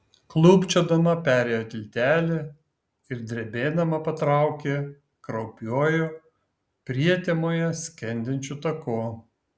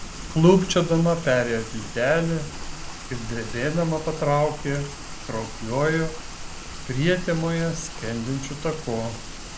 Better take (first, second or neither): first